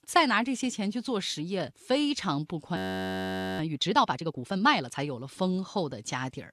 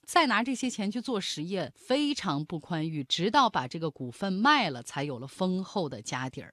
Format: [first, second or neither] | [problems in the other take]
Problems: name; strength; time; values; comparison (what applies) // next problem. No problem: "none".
second | audio freezing; at 3 s for 1 s